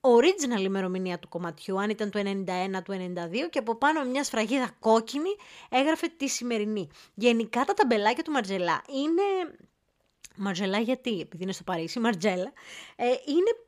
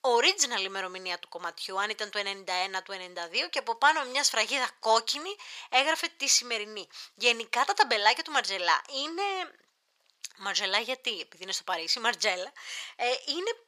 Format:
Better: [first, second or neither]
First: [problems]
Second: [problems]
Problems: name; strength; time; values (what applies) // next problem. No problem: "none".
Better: first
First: none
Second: thin; very; fading below 850 Hz